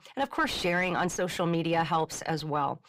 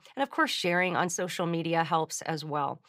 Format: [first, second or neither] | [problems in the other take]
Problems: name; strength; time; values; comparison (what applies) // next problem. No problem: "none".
second | distortion; slight; 10 dB below the speech